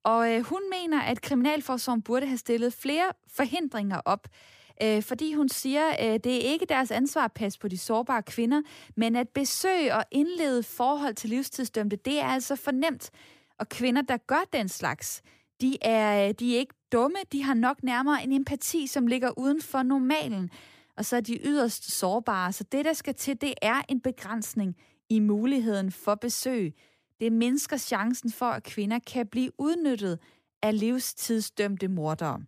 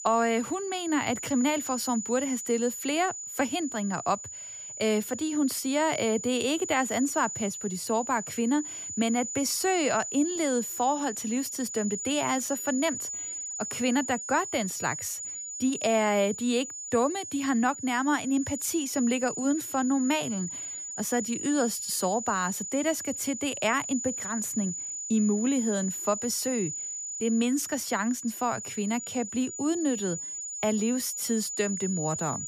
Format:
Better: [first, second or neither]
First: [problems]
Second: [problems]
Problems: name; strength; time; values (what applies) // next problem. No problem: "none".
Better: first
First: none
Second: high-pitched whine; loud; throughout; 7 kHz, 6 dB below the speech